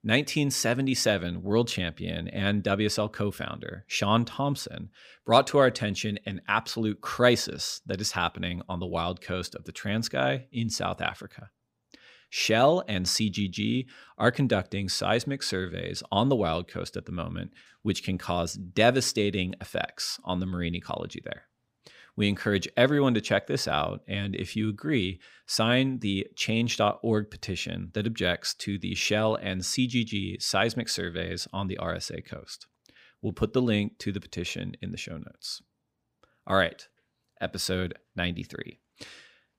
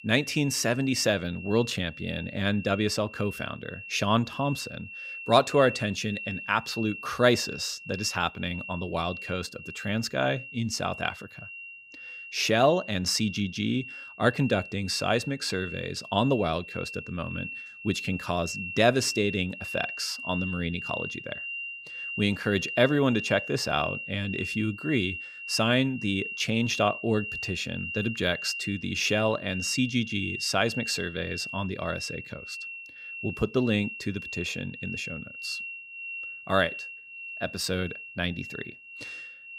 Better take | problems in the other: first | high-pitched whine; loud; throughout; 3 kHz, 9 dB below the speech

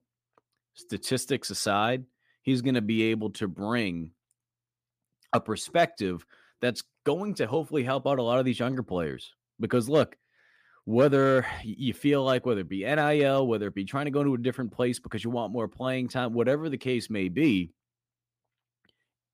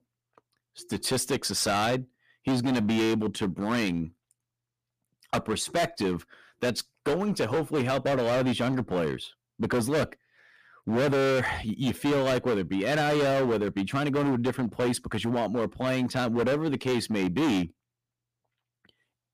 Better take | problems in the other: first | distortion; heavy; 17% of the sound clipped

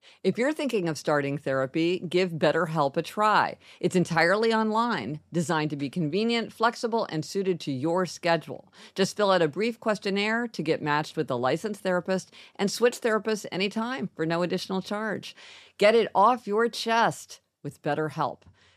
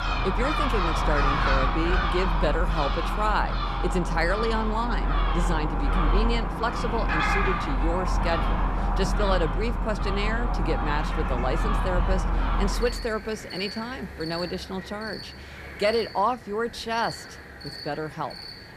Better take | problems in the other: first | animal sounds; very loud; throughout; 2 dB above the speech

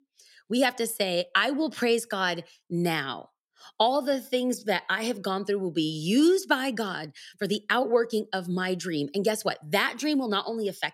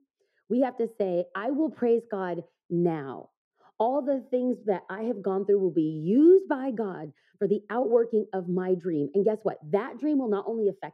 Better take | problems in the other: first | muffled; very; fading above 2 kHz

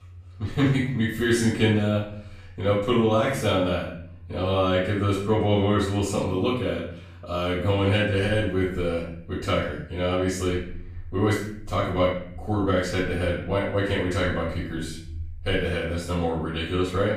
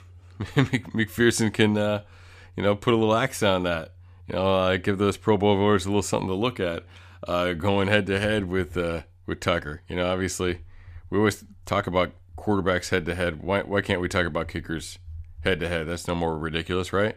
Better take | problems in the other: second | off-mic speech; far // room echo; noticeable; dies away in 0.6 s

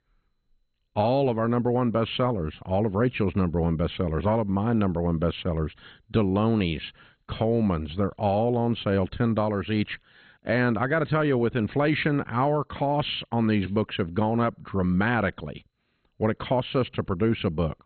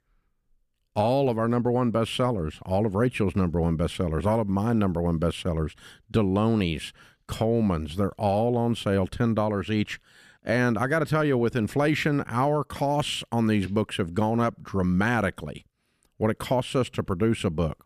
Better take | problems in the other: second | garbled, watery; badly; nothing above 4 kHz

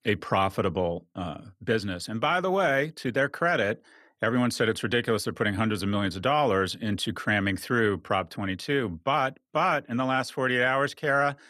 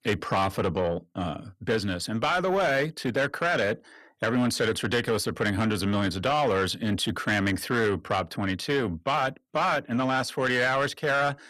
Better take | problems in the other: first | distortion; slight; 10 dB below the speech

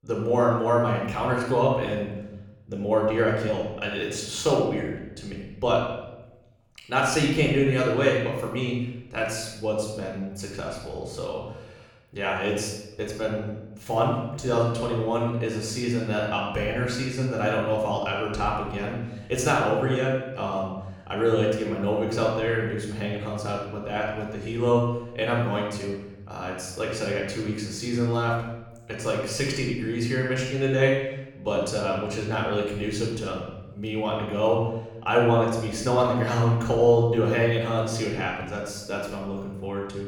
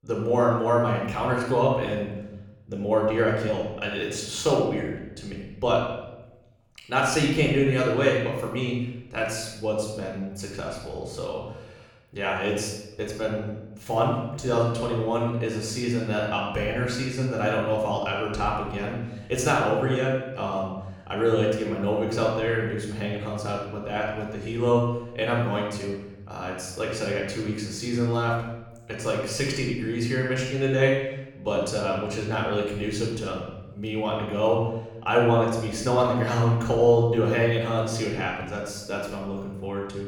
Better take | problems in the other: neither | off-mic speech; somewhat distant; the same in both // room echo; noticeable; dies away in 0.9 s; the same in both

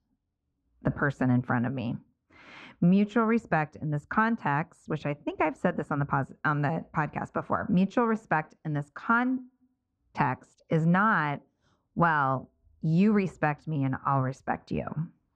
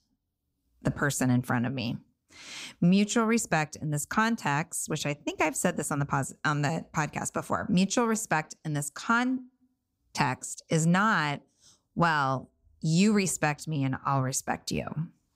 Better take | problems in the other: second | muffled; very; fading above 1.5 kHz

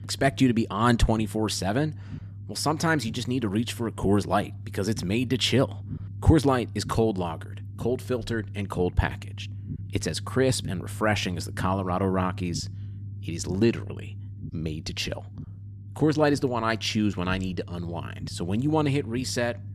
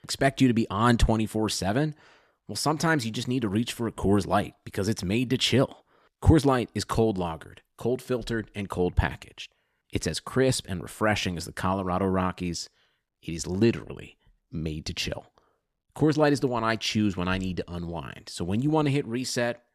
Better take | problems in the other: second | low rumble; faint; throughout; 25 dB below the speech

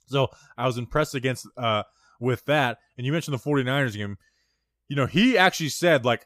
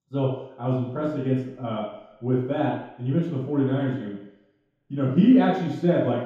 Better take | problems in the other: first | room echo; strong; dies away in 0.8 s // off-mic speech; far

